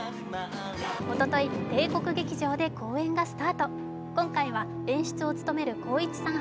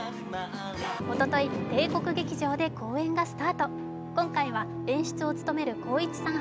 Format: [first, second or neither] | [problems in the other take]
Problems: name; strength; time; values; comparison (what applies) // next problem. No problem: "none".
second | background sound (Gunshot, gunfire); 16 dB below the speech